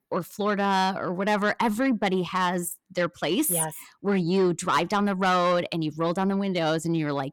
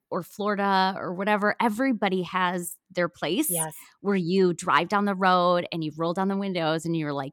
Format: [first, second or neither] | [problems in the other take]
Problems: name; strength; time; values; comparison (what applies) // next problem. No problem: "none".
second | distortion; slight; 10 dB below the speech